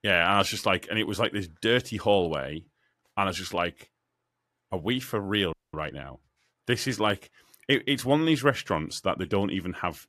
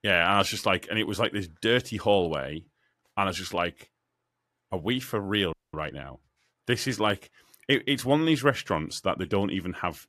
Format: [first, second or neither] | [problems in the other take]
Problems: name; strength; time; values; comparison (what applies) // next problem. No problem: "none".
neither | audio freezing; at 5.5 s; the same in both